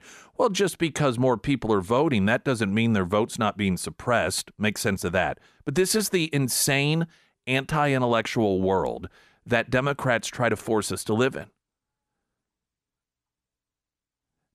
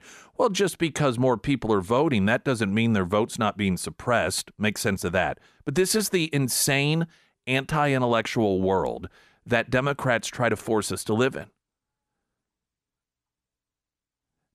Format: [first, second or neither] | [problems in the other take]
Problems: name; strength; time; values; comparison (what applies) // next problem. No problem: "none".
neither | none